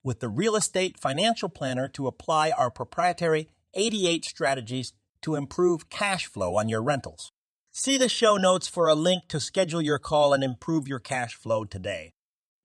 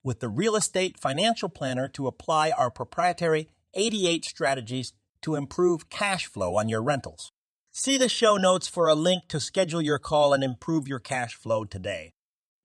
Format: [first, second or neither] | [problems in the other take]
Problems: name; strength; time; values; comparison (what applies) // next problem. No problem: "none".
neither | none